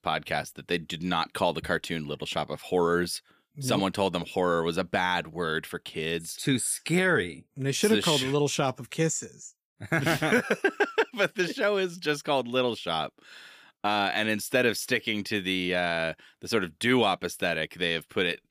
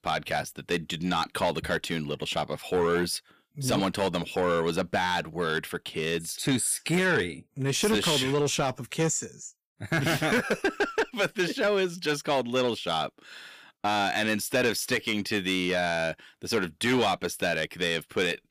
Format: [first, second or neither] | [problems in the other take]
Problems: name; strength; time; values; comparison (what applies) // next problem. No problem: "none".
first | distortion; slight; 10 dB below the speech